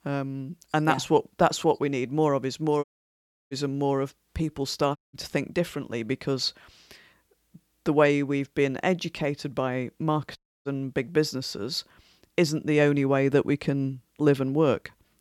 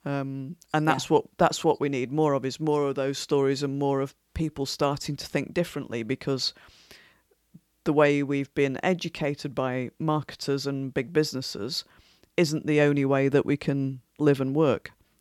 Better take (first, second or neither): second